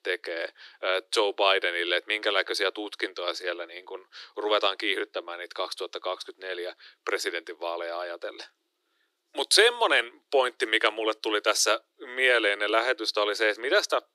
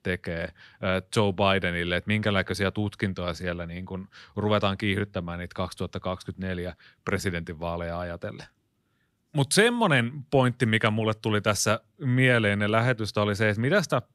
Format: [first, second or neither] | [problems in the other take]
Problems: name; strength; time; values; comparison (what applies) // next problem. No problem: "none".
second | thin; very; fading below 350 Hz